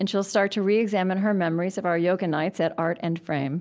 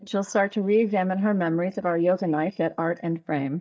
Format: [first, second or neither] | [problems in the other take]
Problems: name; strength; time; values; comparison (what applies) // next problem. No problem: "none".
first | noise reduction (neural mask model DeepFilterNet 3)